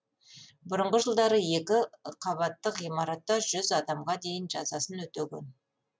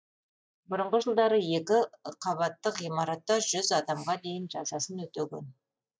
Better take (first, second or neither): first